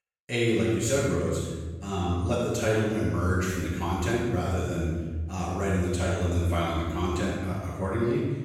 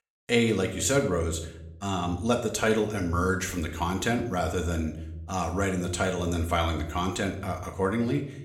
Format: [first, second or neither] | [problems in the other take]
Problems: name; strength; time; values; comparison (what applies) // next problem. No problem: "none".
second | room echo; strong; dies away in 1.3 s; slight in the second // off-mic speech; far